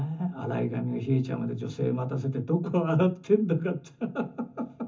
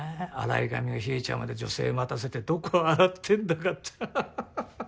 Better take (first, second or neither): second